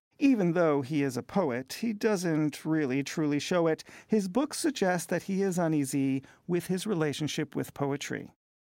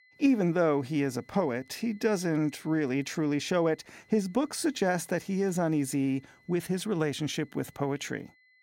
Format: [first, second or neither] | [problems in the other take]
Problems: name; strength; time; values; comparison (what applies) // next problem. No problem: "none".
first | high-pitched whine; faint; throughout; 2 kHz, 30 dB below the speech